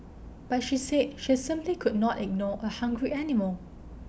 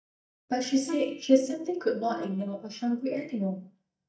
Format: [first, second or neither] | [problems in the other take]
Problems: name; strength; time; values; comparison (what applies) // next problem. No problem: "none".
first | noise reduction (neural mask model DeepFilterNet 3)